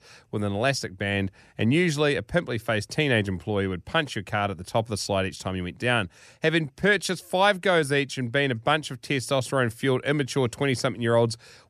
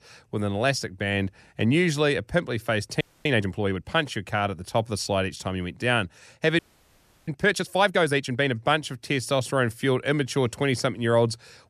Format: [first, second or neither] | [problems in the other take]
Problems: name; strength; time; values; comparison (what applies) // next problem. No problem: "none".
first | audio freezing; at 3 s and at 6.5 s for 0.5 s